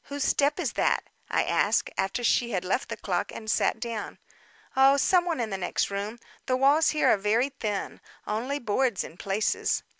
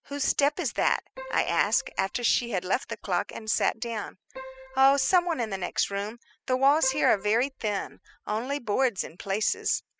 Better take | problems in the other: first | noise reduction (classical method spectral subtraction)

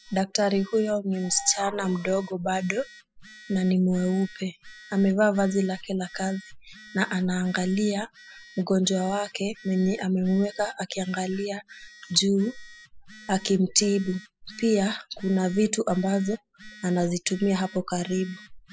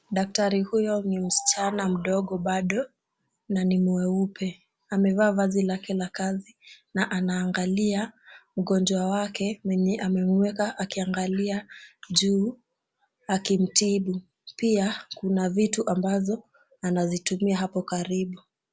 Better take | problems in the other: second | noise reduction (classical method spectral subtraction)

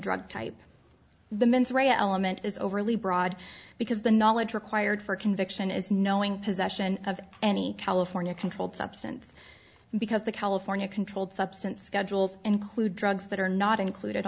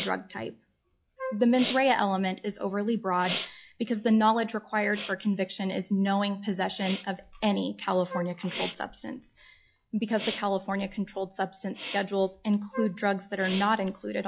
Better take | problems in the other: first | noise reduction (classical method log-MMSE)

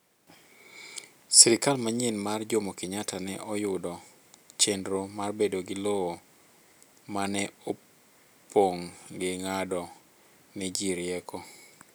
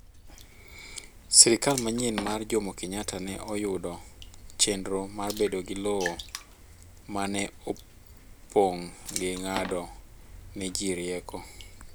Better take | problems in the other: first | background sound (Water / Splash, splatter); 13 dB below the speech

